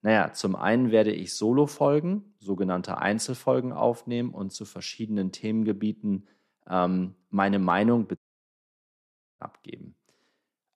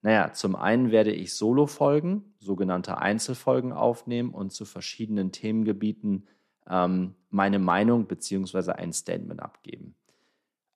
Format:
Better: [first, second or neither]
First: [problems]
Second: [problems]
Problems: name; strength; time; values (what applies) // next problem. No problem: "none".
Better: second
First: audio cutting out; at 8 s for 1 s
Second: none